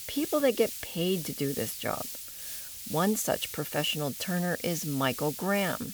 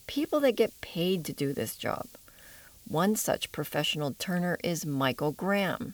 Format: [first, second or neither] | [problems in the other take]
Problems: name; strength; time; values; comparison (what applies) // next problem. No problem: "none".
second | hiss; loud; throughout; 7 dB below the speech; faint in the second